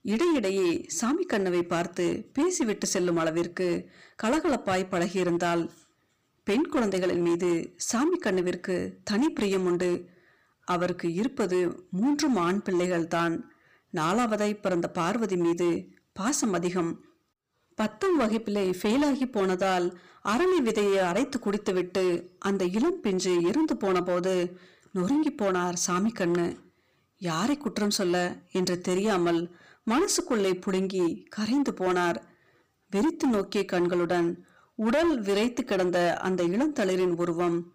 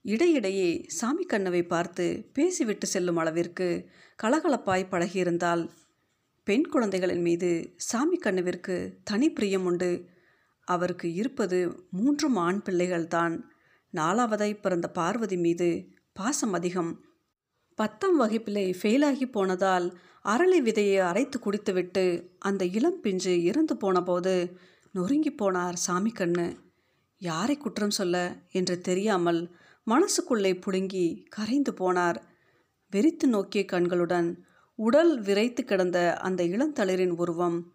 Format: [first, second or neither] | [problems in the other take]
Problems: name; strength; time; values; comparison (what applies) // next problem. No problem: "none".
second | distortion; slight; 13% of the sound clipped